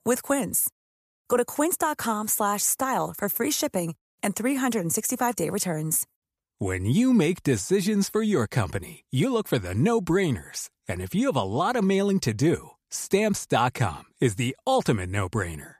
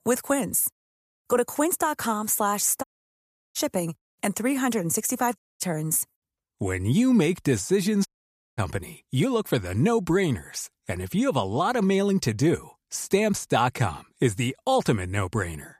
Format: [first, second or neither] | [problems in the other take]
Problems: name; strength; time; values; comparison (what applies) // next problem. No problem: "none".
first | audio cutting out; at 3 s for 0.5 s, at 5.5 s and at 8 s for 0.5 s